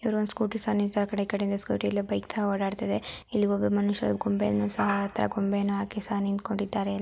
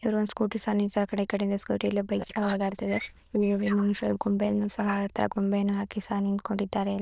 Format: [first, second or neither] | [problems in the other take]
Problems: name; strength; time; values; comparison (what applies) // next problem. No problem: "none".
first | noise reduction (neural diffusion model UNIVERSE++)